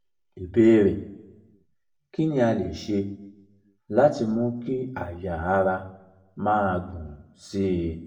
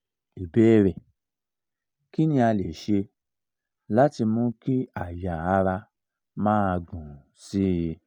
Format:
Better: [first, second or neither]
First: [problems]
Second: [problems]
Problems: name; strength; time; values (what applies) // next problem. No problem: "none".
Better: second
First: room echo; dies away in 0.5 s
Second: none